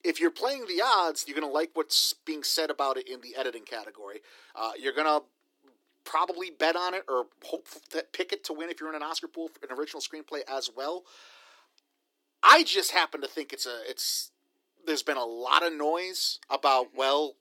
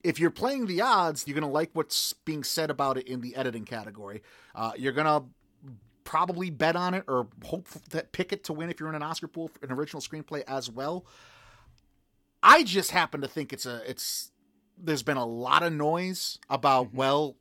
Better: second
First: thin; somewhat; fading below 300 Hz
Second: none

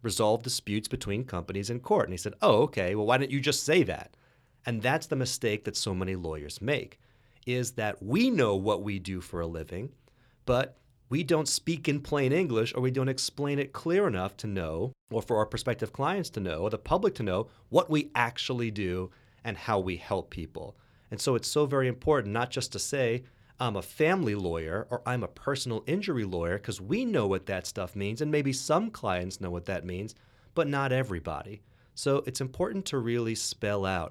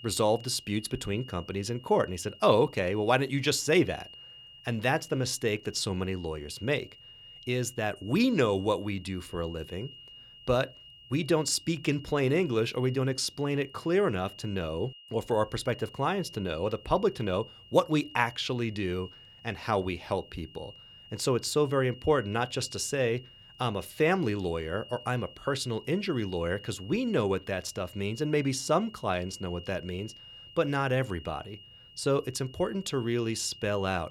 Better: first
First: none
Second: high-pitched whine; noticeable; throughout; 3 kHz, 20 dB below the speech

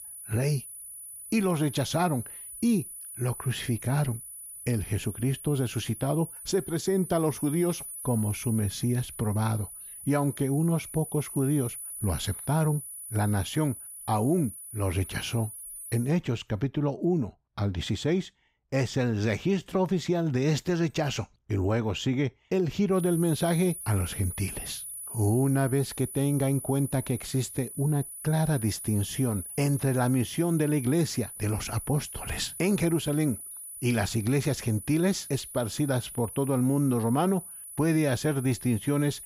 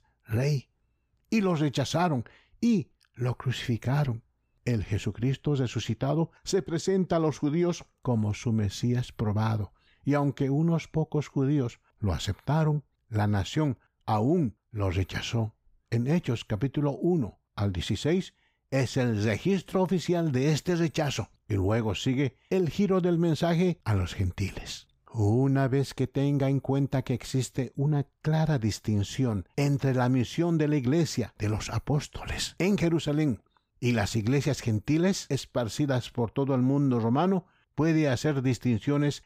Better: second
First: high-pitched whine; noticeable; until 16 s and from 23 s on; 10 kHz, 10 dB below the speech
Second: none

